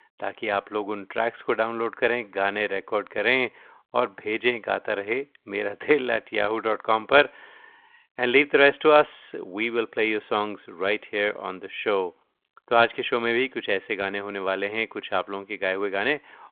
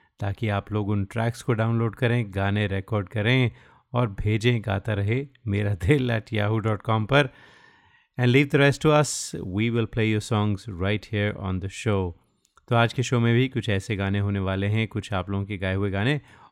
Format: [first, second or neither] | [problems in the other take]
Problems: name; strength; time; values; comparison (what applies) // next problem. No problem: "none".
second | phone-call audio; nothing above 3.5 kHz